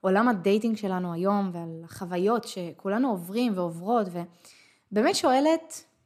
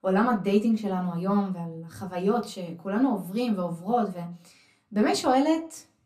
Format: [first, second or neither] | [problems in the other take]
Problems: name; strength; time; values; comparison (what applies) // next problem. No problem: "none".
first | off-mic speech; far // room echo; very slight; dies away in 0.2 s